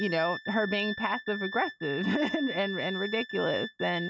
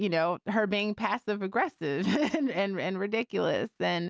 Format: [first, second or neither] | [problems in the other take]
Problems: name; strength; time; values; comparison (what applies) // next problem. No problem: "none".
second | noise reduction (neural mask model RNNoise)